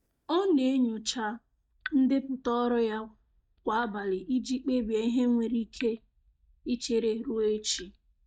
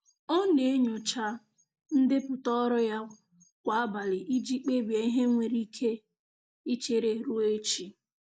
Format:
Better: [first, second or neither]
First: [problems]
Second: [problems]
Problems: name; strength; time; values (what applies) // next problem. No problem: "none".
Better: second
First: noise reduction (neural mask model DeepFilterNet 3)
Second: none